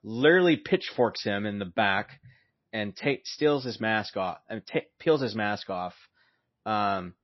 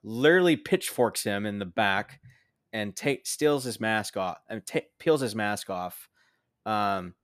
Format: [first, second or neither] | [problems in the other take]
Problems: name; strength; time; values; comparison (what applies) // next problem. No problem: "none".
second | garbled, watery; slightly; nothing above 5.5 kHz